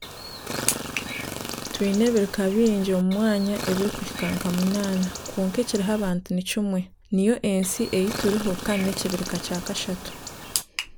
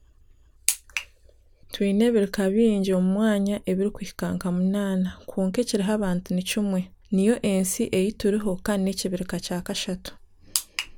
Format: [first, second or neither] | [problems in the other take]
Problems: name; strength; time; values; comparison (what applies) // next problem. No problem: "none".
second | background sound (Chirp, tweet); 9 dB below the speech